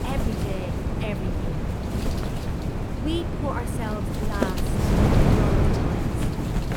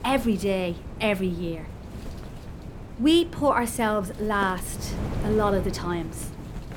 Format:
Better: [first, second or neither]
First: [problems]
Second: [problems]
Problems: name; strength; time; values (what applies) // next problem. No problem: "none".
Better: second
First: wind noise on the microphone; heavy; 4 dB above the speech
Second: wind noise on the microphone; occasional gusts; 15 dB below the speech